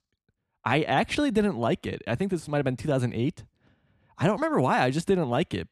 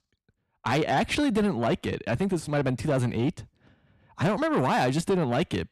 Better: first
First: none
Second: distortion; slight; 10 dB below the speech

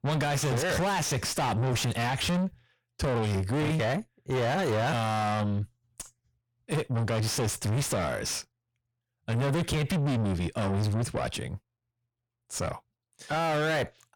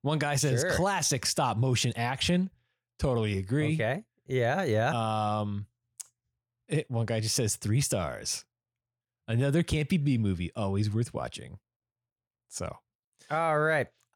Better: second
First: distortion; heavy; 6 dB below the speech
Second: none

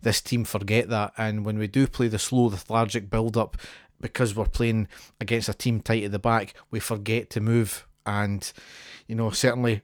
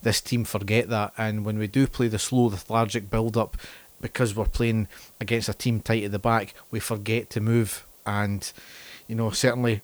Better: first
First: none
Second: hiss; faint; throughout; 25 dB below the speech

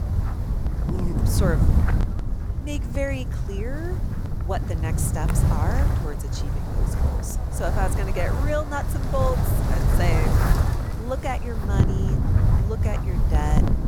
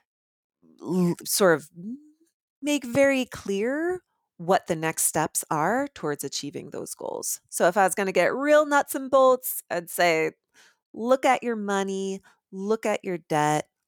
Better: second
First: wind noise on the microphone; heavy; 3 dB below the speech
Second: none

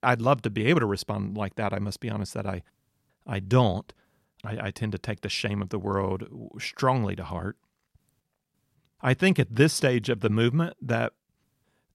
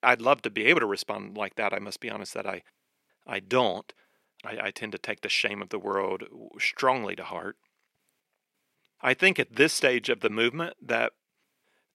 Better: first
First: none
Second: thin; somewhat; fading below 400 Hz

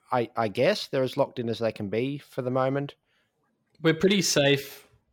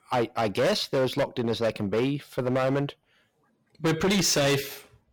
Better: first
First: none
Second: distortion; heavy; 14% of the sound clipped

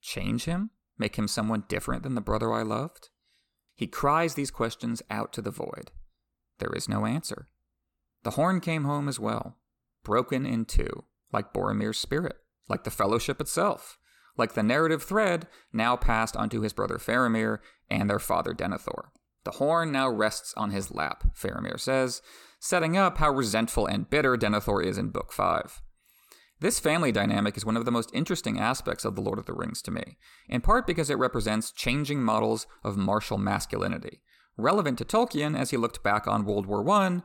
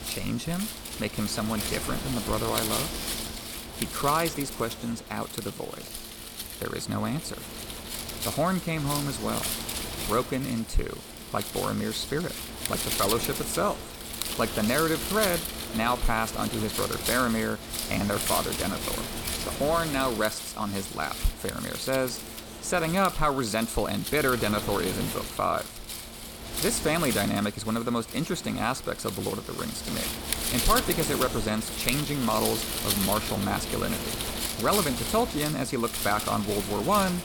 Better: first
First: none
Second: wind noise on the microphone; heavy; 5 dB below the speech

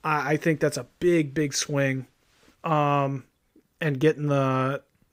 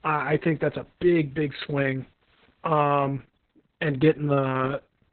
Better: first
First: none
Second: garbled, watery; badly; nothing above 4 kHz

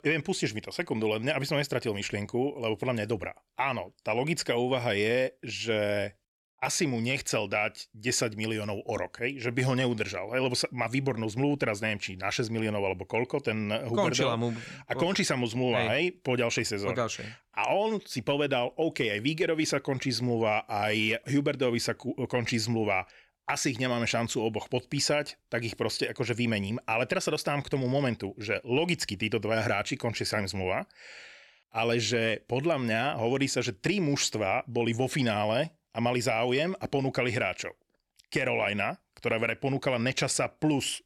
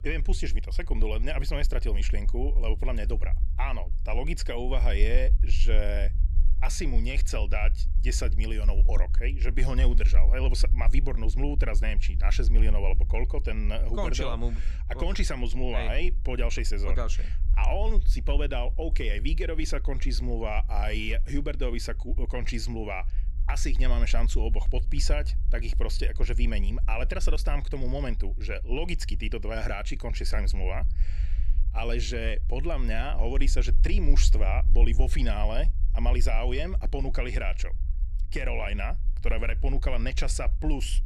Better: first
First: none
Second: low rumble; noticeable; throughout; 20 dB below the speech

